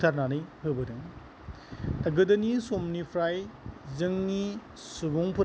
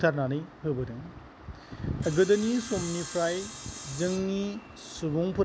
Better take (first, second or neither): first